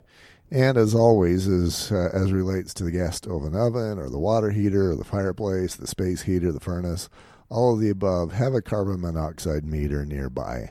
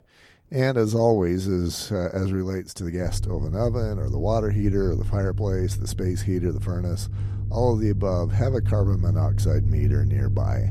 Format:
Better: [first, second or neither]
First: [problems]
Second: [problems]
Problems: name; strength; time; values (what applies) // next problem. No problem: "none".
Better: first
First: none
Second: low rumble; noticeable; from 3 s on; 10 dB below the speech